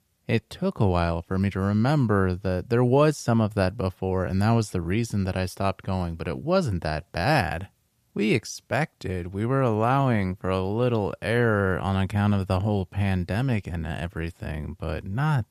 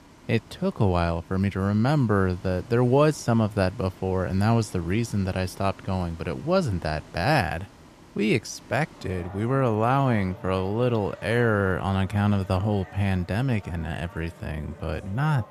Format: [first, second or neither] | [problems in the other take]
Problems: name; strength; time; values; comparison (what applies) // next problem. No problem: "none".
first | traffic noise; faint; throughout; 20 dB below the speech